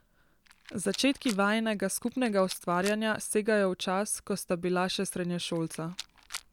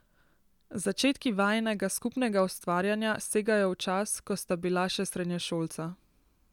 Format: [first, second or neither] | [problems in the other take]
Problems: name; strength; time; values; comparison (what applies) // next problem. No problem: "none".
second | background sound (Rattle); 15 dB below the speech